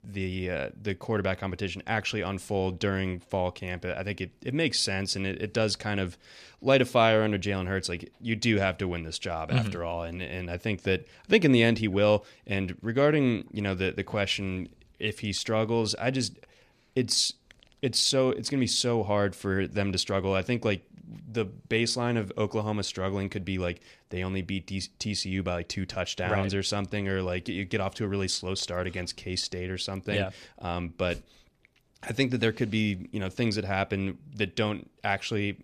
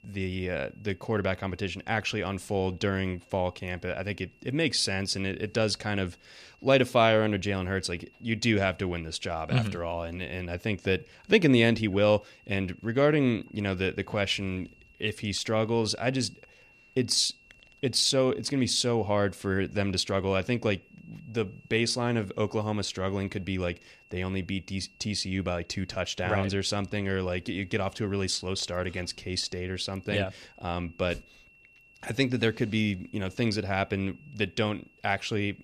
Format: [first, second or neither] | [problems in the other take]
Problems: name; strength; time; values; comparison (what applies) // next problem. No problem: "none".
first | high-pitched whine; faint; throughout; 2.5 kHz, 30 dB below the speech